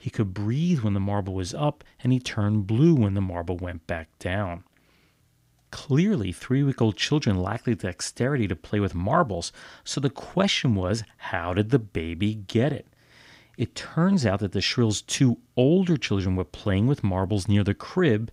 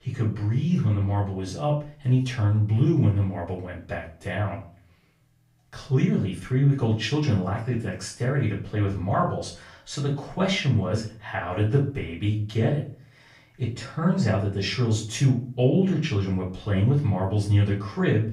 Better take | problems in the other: first | room echo; slight; dies away in 0.3 s // off-mic speech; far

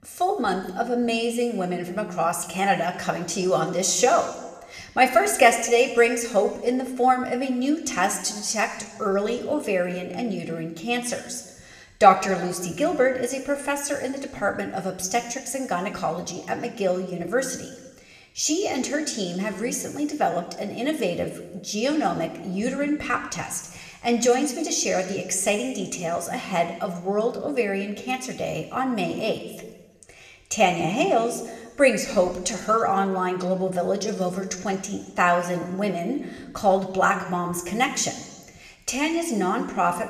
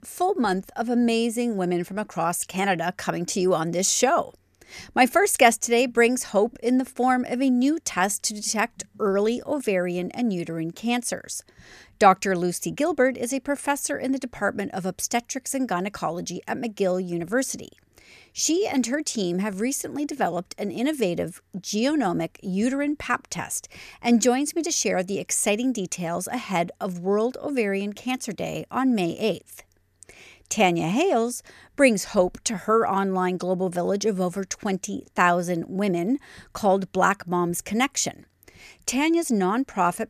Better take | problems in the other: second | room echo; slight; dies away in 1.2 s

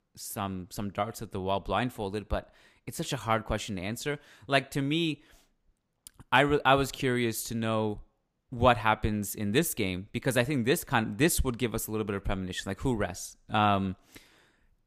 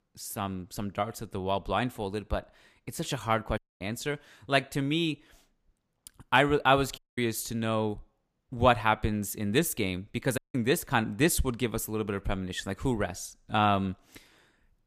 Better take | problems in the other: first | audio cutting out; at 3.5 s, at 7 s and at 10 s

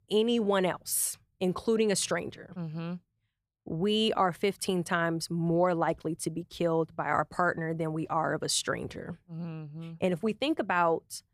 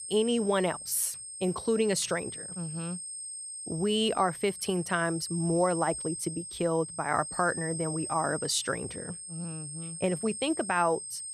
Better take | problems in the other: first | high-pitched whine; loud; throughout; 8.5 kHz, 7 dB below the speech

